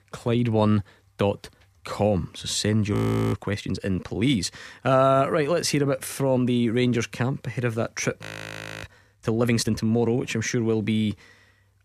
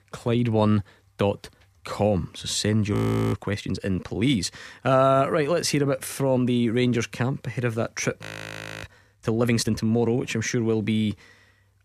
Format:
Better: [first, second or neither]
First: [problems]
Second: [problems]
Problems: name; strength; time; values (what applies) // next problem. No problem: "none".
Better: neither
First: audio freezing; at 3 s and at 8 s for 0.5 s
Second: audio freezing; at 3 s and at 8 s for 0.5 s